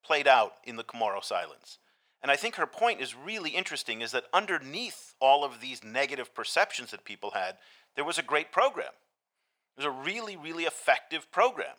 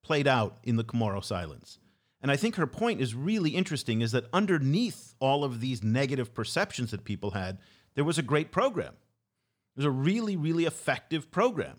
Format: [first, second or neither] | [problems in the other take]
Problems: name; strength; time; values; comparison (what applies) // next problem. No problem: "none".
second | thin; very; fading below 650 Hz